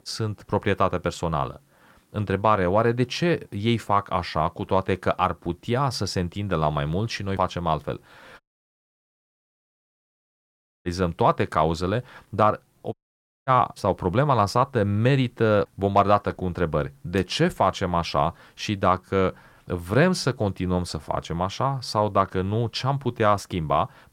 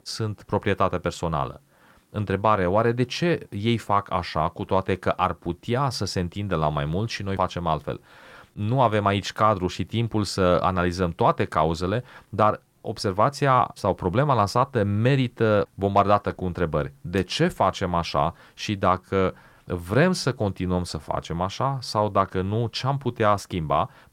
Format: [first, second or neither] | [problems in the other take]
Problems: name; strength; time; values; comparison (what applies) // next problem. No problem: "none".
second | audio cutting out; at 8.5 s for 2.5 s and at 13 s for 0.5 s